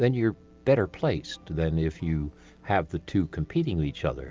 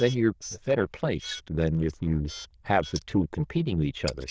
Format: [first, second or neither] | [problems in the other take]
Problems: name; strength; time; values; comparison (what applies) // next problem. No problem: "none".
first | noise reduction (neural diffusion model UNIVERSE++)